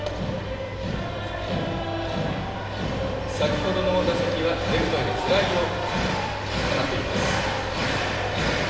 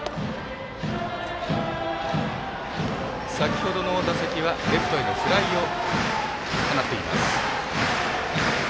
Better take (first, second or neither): second